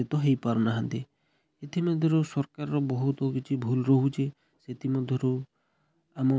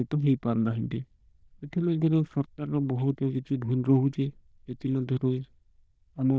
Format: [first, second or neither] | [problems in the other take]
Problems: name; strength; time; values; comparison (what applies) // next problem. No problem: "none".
first | noise reduction (neural diffusion model UNIVERSE++)